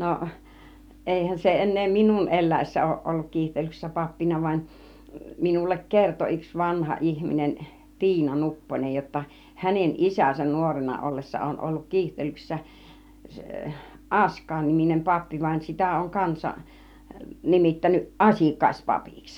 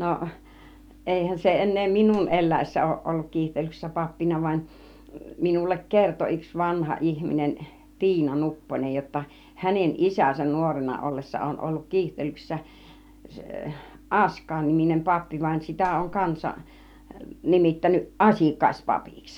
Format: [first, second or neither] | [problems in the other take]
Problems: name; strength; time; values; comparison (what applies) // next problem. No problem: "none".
first | background sound (Clapping); 20 dB below the speech